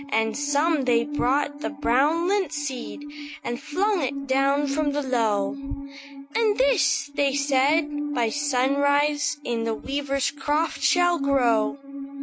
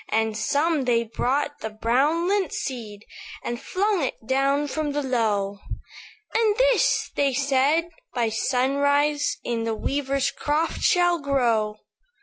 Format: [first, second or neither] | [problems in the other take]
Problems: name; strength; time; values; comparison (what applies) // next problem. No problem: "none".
second | noise reduction (neural mask model RNNoise)